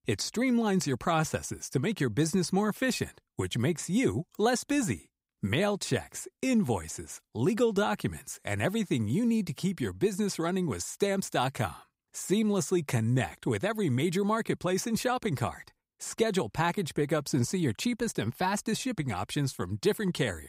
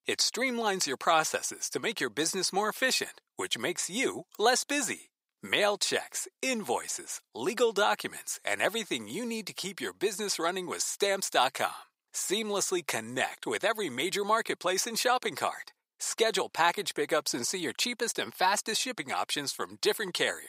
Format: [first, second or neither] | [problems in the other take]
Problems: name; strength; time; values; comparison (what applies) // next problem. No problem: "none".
first | thin; very; fading below 550 Hz